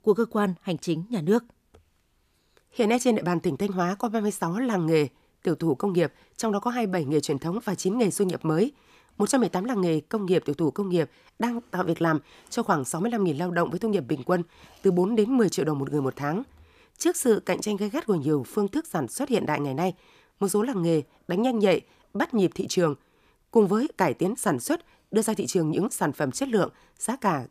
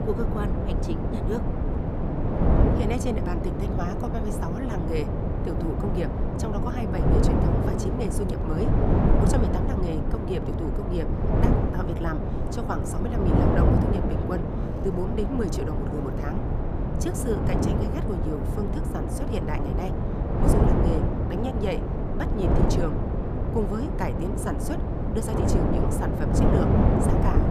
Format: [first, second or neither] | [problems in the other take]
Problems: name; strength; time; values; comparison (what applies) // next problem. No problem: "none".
first | wind noise on the microphone; heavy; 3 dB above the speech